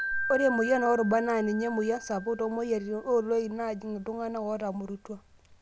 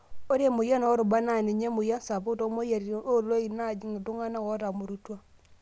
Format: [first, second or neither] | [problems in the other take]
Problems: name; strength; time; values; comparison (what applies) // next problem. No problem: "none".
second | background sound (Wind chime); 10 dB below the speech